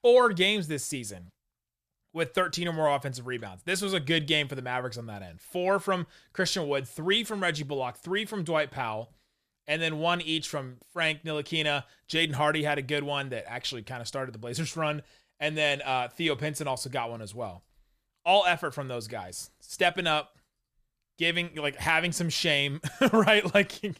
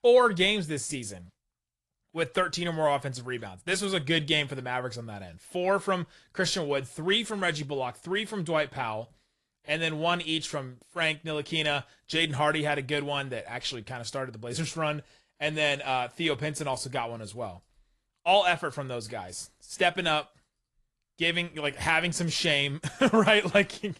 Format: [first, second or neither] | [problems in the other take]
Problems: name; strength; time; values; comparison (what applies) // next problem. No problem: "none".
first | garbled, watery; slightly